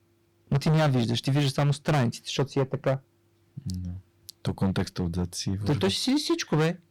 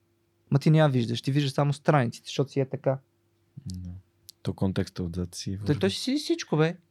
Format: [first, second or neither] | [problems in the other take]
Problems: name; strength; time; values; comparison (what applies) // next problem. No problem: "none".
second | distortion; heavy; 11% of the sound clipped